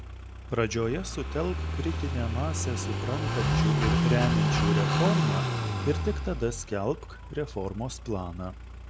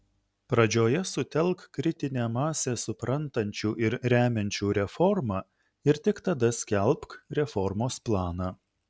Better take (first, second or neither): second